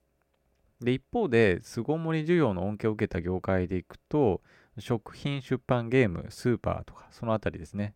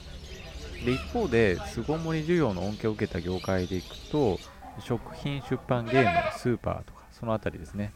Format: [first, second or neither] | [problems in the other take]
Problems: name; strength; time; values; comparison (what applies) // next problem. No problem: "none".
first | animal sounds; loud; throughout; 7 dB below the speech